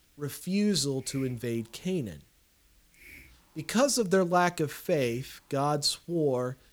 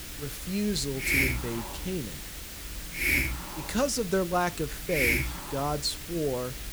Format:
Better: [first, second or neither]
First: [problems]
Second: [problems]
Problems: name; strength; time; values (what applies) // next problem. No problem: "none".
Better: first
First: hiss; faint; throughout; 25 dB below the speech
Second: hiss; loud; throughout; as loud as the speech